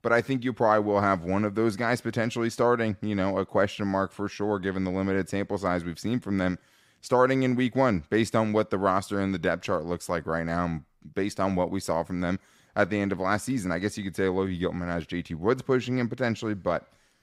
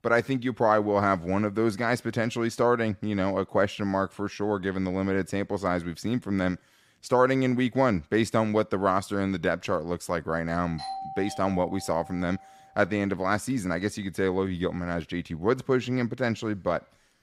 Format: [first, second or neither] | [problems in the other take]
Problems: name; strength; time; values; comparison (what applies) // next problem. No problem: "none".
first | doorbell; noticeable; from 11 to 12 s; peak 8 dB below the speech